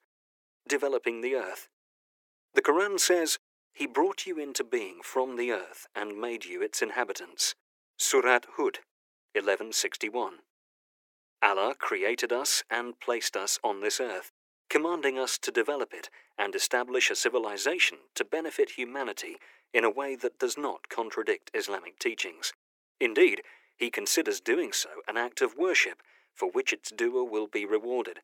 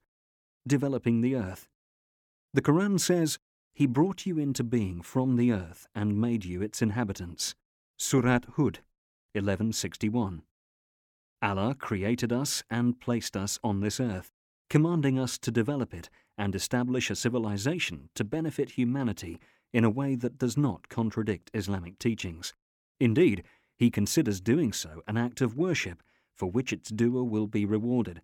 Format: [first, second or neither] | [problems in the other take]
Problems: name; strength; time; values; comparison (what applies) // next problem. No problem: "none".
second | thin; very; fading below 400 Hz